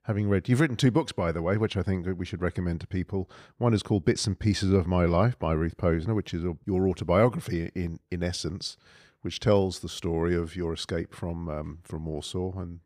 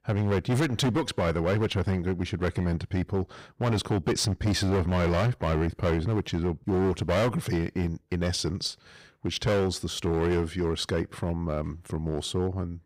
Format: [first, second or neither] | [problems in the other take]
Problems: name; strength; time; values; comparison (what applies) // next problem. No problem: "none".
first | distortion; heavy; 16% of the sound clipped